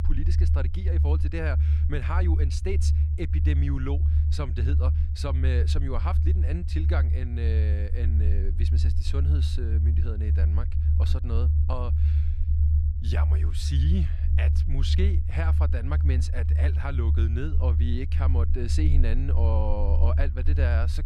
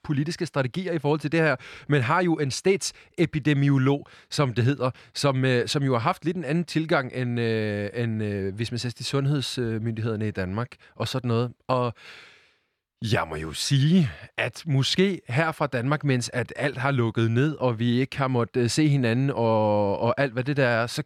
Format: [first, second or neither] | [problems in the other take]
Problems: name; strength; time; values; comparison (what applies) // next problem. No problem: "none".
second | low rumble; loud; throughout; 5 dB below the speech